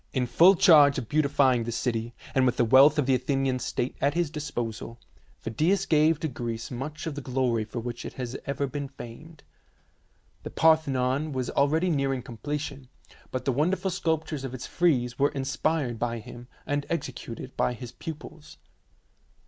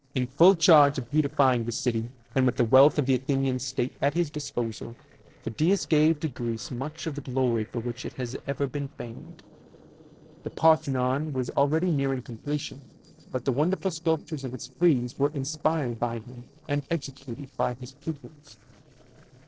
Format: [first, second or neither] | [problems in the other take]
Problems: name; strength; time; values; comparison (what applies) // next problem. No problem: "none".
first | noise reduction (neural separator model SepFormer DNS4)